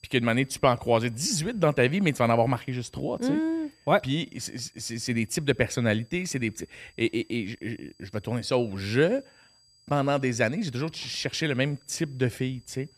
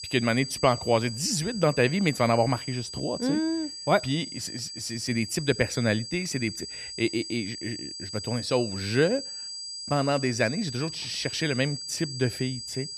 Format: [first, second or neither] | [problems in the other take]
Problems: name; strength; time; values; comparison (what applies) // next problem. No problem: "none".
first | high-pitched whine; loud; throughout; 4.5 kHz, 8 dB below the speech; faint in the first